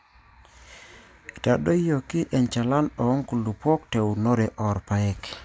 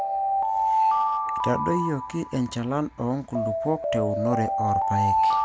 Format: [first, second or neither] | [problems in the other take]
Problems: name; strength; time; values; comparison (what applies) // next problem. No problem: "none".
first | background sound (Alarm); 3 dB above the speech